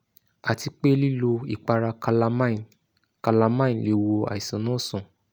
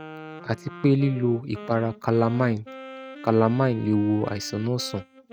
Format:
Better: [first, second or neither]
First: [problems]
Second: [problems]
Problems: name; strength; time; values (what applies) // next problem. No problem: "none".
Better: first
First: none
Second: noise reduction (neural mask model RNNoise)